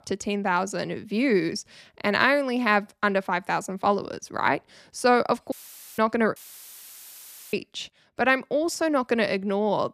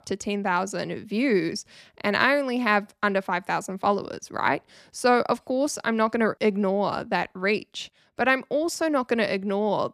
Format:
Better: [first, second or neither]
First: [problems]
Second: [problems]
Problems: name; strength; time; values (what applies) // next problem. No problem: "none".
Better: second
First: audio cutting out; filled with static; at 5.5 s and at 6.5 s for 1 s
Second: none